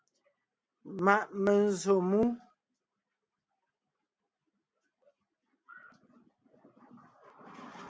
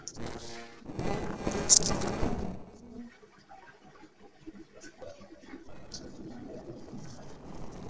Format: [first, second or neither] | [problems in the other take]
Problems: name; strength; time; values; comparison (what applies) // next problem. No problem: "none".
first | noise reduction (neural separator model SepFormer DNS4)